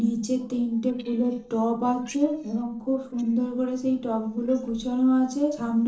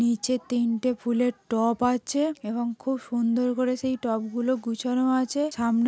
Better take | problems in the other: second | noise reduction (neural separator model SepFormer DNS4)

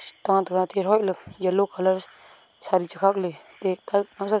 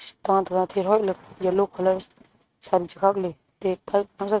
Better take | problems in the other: first | noise reduction (neural mask model RNNoise)

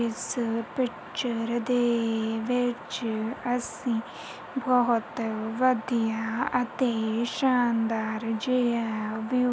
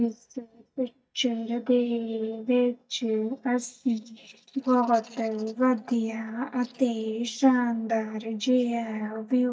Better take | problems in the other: first | noise reduction (neural mask model DeepFilterNet 3)

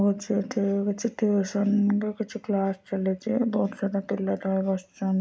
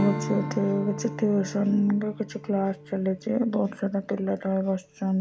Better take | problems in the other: first | background sound (Strum); 11 dB below the speech

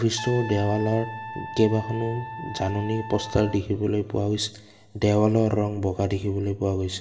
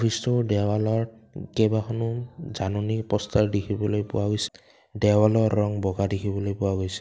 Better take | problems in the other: second | background sound (Trumpet); 12 dB below the speech // room echo; dies away in 1 s

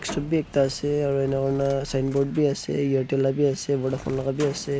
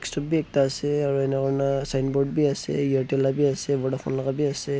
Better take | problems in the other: second | background sound (Bird); 19 dB below the speech

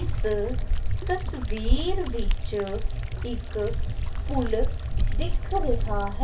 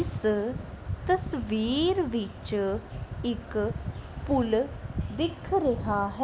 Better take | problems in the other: second | background sound (Liquid); 4 dB above the speech // room echo; dies away in 0.2 s

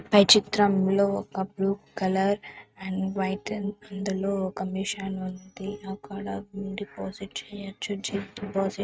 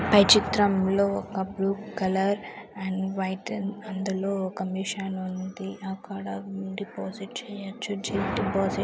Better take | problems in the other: second | noise reduction (neural mask model RNNoise)

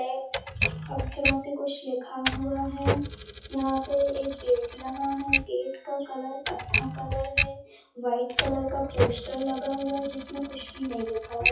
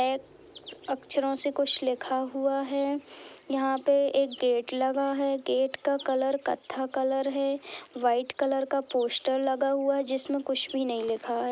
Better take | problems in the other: second | noise reduction (classical method WPE with log-MMSE)

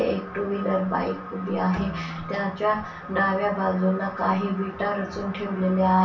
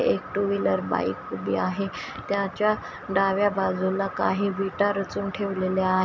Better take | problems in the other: second | background sound (Bowed string instrument); 18 dB below the speech // room echo; dies away in 0.3 s

